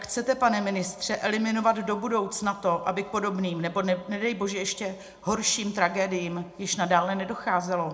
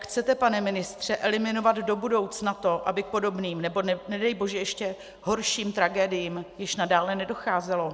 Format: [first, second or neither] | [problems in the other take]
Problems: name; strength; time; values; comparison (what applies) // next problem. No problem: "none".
second | room echo; dies away in 0.2 s